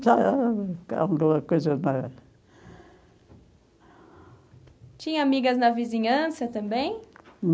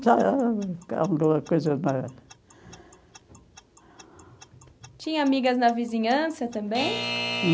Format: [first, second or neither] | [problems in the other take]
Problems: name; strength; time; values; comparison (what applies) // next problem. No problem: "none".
first | background sound (Alarm / Clock); 12 dB below the speech